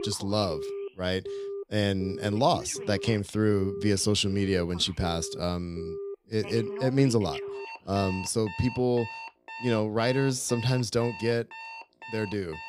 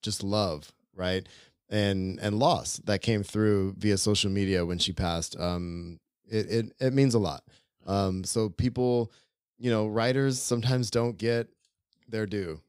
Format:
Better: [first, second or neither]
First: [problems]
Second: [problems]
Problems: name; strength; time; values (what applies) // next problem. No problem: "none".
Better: second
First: alarms or sirens; noticeable; throughout; 10 dB below the speech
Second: none